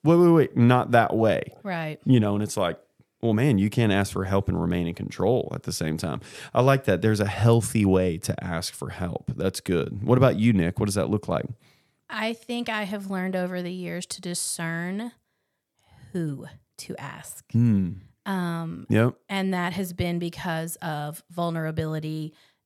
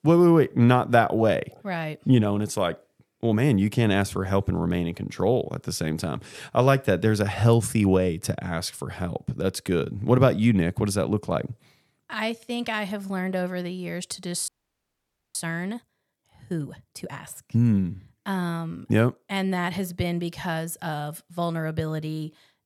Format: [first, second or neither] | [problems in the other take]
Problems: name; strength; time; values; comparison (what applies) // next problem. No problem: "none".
first | audio freezing; at 14 s for 1 s